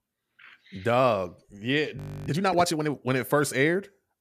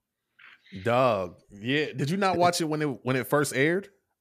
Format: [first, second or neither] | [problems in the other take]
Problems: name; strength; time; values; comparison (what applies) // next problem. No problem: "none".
second | audio freezing; at 2 s